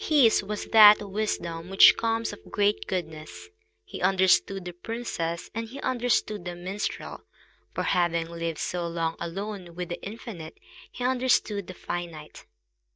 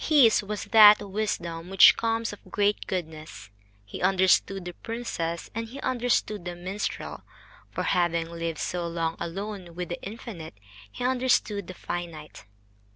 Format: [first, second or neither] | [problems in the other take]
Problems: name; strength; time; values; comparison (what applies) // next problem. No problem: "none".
second | noise reduction (neural mask model DeepFilterNet 3)